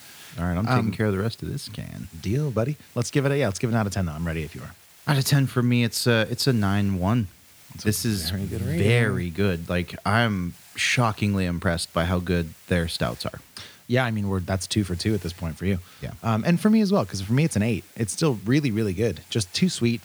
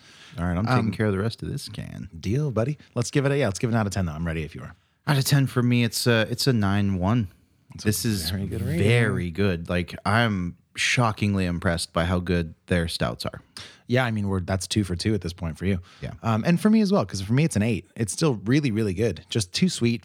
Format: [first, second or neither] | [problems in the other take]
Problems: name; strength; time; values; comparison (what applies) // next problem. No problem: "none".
second | hiss; faint; throughout; 25 dB below the speech